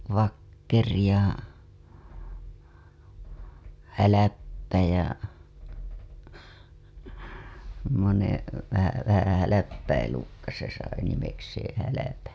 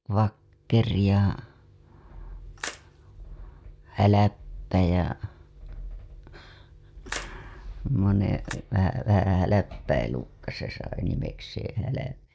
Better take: first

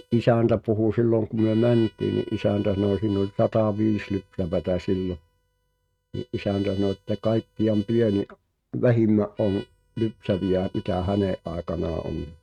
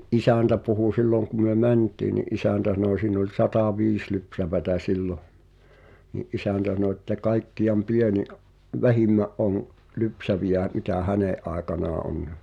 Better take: second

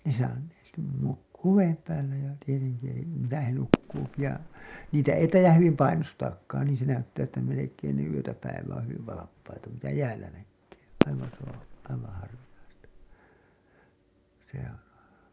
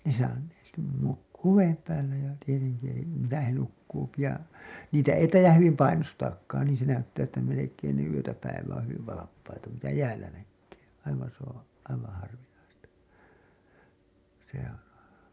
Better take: second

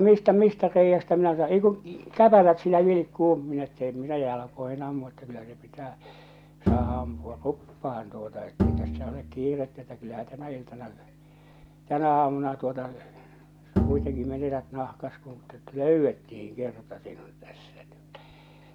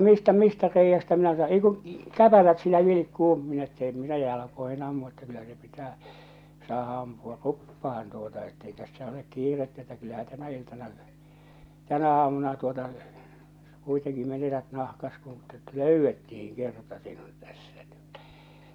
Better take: second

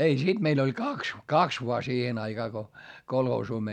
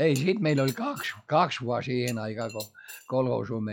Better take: first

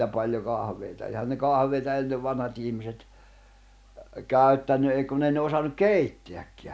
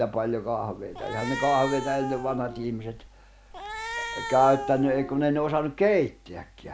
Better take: first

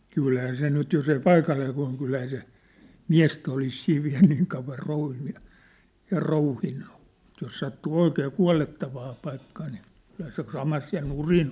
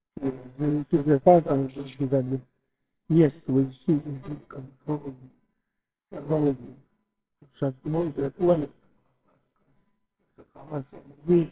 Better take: first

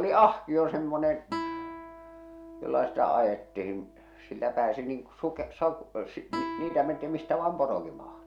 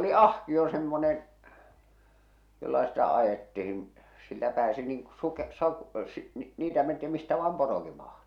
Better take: second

